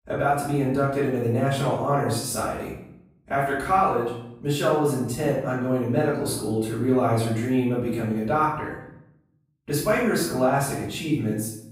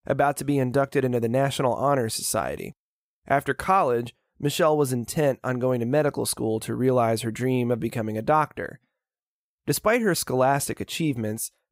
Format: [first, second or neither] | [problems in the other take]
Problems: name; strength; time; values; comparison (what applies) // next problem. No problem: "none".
second | room echo; noticeable; dies away in 0.7 s // off-mic speech; far